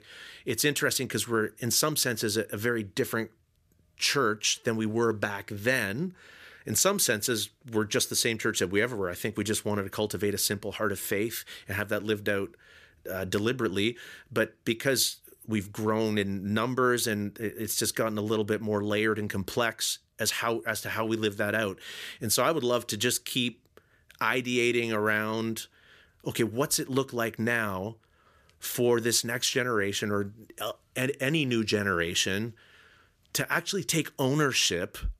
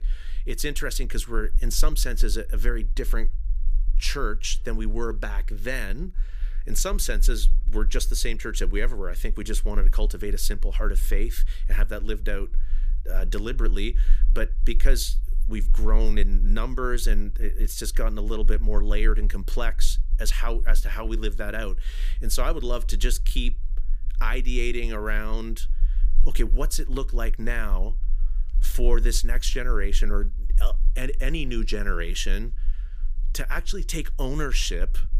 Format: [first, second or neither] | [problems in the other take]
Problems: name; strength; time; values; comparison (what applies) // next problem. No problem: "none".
first | low rumble; faint; throughout; 25 dB below the speech